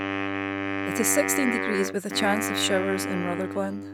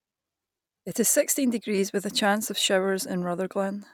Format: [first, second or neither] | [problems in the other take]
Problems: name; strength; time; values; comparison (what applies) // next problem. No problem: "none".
second | background sound (Wind instrument, woodwind instrument); 1 dB below the speech